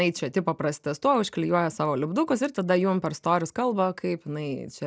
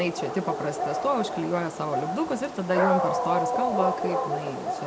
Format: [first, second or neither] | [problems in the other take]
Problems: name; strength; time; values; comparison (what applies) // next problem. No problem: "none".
first | background sound (Dog); 1 dB above the speech // room echo; dies away in 1.2 s